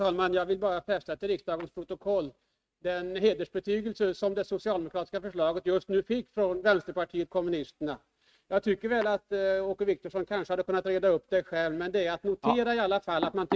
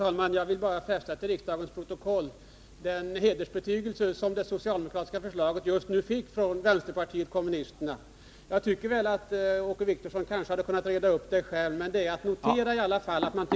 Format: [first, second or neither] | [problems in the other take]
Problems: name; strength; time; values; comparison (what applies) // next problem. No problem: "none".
second | noise reduction (neural mask model RNNoise)